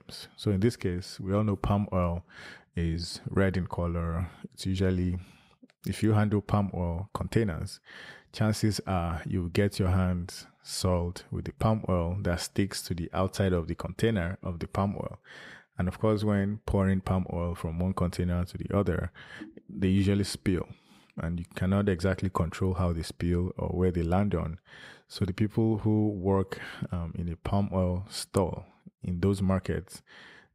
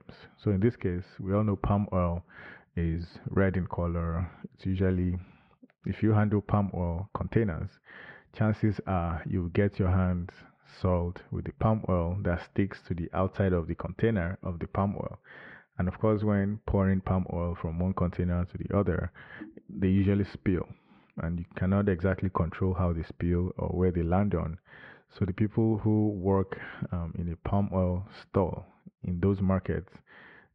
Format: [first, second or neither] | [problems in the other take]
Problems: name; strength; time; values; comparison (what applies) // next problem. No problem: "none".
first | muffled; very; fading above 2.5 kHz